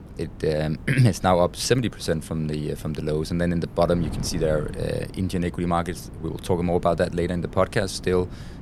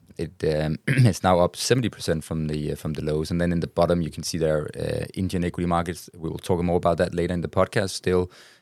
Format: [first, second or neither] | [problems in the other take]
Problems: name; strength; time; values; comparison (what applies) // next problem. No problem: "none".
second | wind noise on the microphone; occasional gusts; 20 dB below the speech